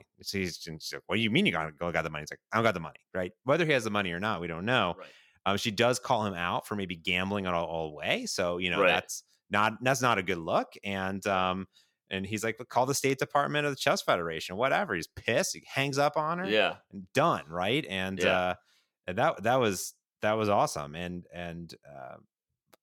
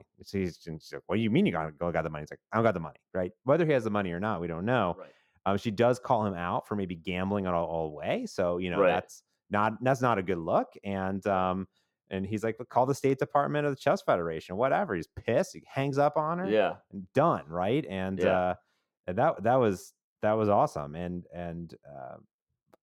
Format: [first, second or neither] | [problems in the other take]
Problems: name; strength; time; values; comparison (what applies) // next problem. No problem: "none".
first | muffled; slightly; fading above 1.5 kHz